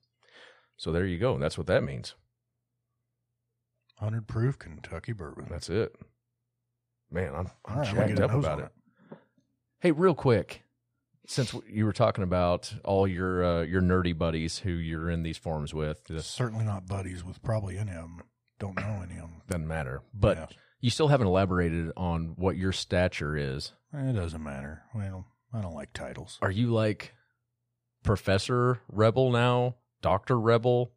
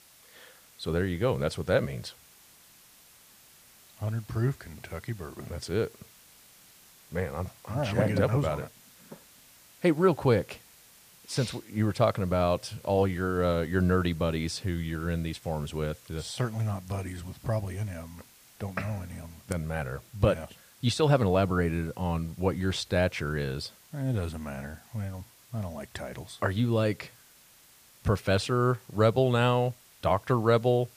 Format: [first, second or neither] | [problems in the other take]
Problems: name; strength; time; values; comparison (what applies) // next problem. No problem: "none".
first | hiss; faint; throughout; 25 dB below the speech